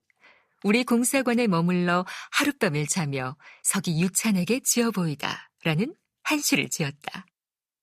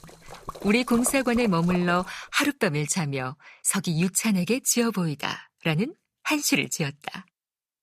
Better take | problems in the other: first | rain or running water; noticeable; until 2 s; 15 dB below the speech

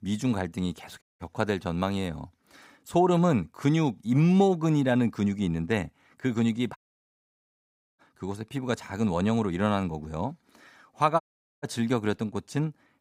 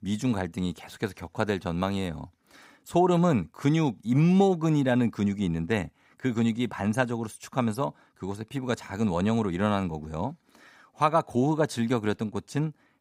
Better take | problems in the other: second | audio cutting out; at 1 s, at 7 s for 1 s and at 11 s

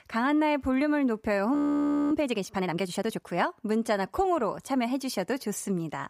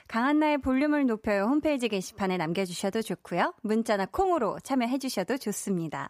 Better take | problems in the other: second | audio freezing; at 1.5 s for 0.5 s

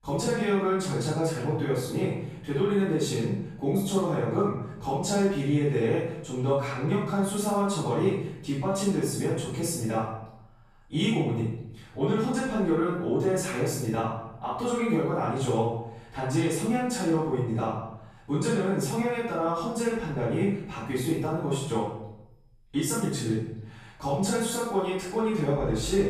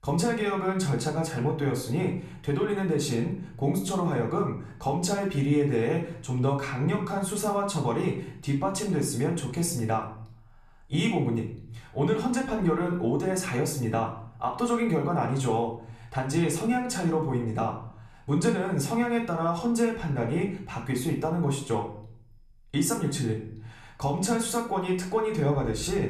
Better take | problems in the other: second | room echo; strong; dies away in 0.7 s; slight in the second // off-mic speech; far; far in the second

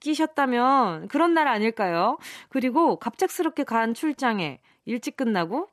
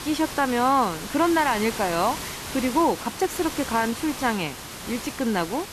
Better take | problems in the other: first | hiss; loud; throughout; 9 dB below the speech

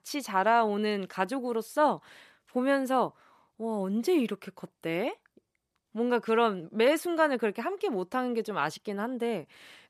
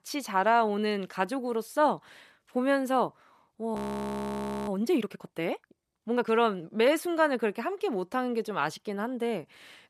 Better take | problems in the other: first | audio freezing; at 4 s for 1 s

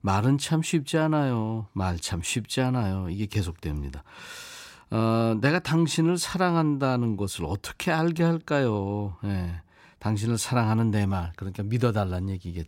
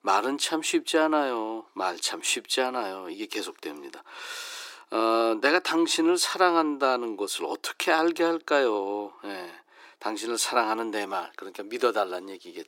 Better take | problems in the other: first | thin; very; fading below 350 Hz

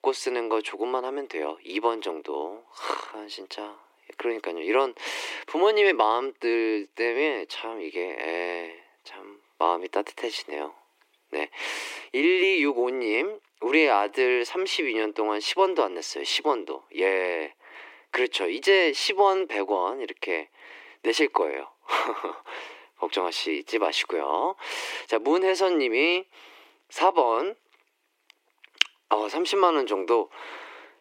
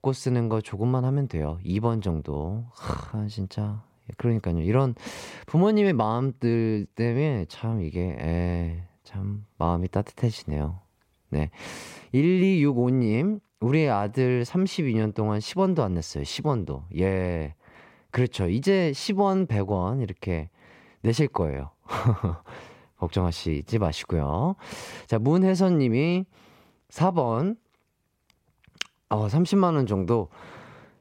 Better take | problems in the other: second | thin; very; fading below 300 Hz

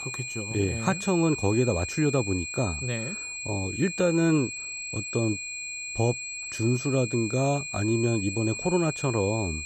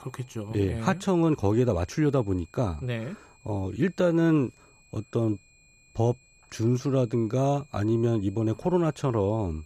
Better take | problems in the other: second | high-pitched whine; loud; throughout; 2.5 kHz, 6 dB below the speech; faint in the second

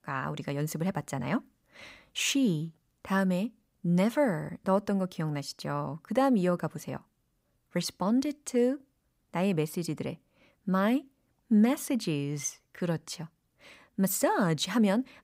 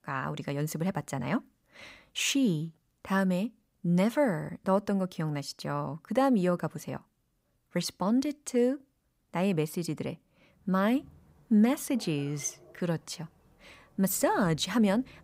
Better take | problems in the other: first | rain or running water; faint; from 11 s on; 25 dB below the speech

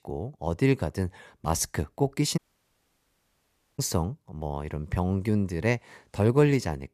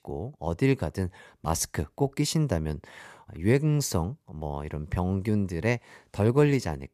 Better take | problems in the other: second | audio cutting out; at 2.5 s for 1.5 s

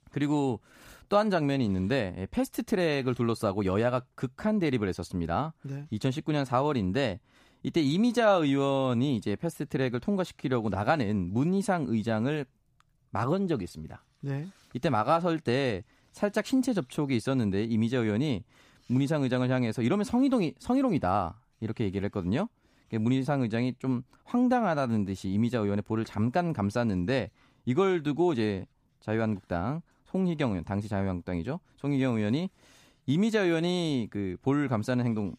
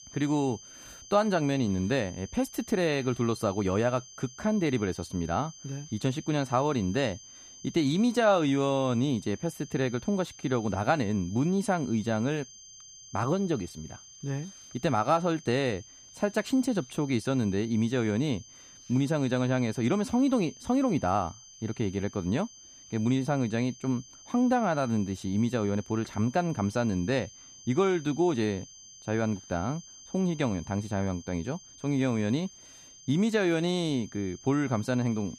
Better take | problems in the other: first | high-pitched whine; noticeable; throughout; 6 kHz, 20 dB below the speech

